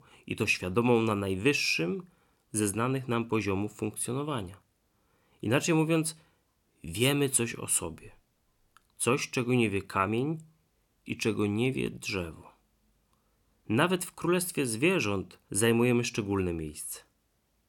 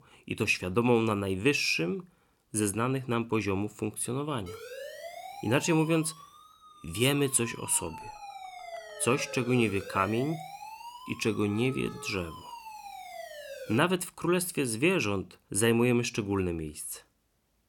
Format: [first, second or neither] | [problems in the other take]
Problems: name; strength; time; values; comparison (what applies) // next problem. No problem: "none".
first | siren; faint; from 4.5 to 14 s; peak 10 dB below the speech